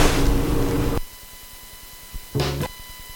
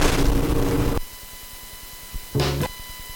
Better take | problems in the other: first | distortion; slight; 15 dB below the speech

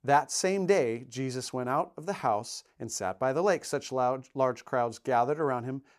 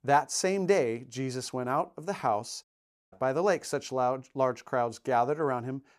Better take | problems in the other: first | audio cutting out; at 2.5 s

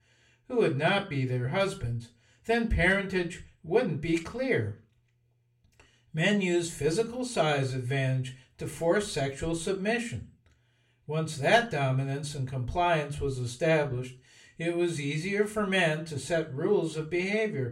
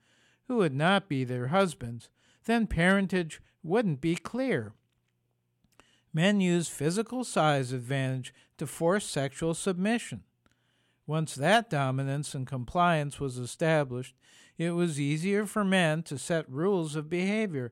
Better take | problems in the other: second | room echo; very slight; dies away in 0.3 s // off-mic speech; far

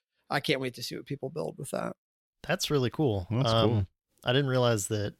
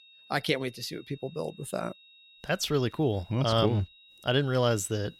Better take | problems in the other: first | high-pitched whine; faint; throughout; 3.5 kHz, 25 dB below the speech

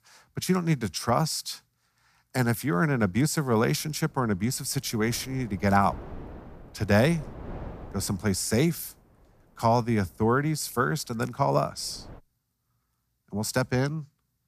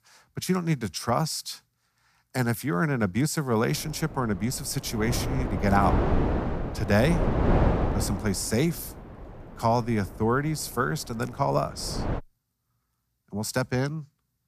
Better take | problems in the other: first | wind noise on the microphone; heavy; from 3.5 to 12 s; 3 dB below the speech; occasional gusts in the first

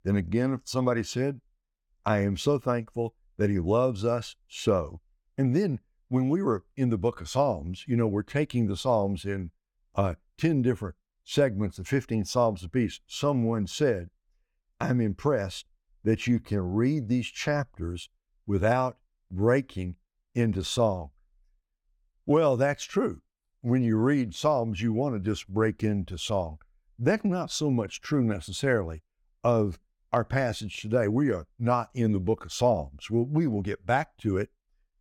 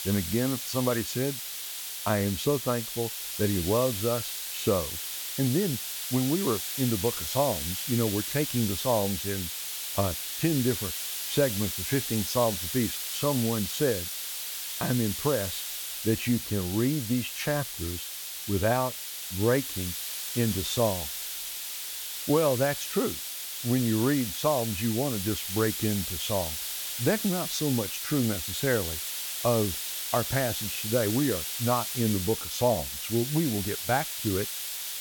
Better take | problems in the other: first | hiss; loud; throughout; 3 dB below the speech

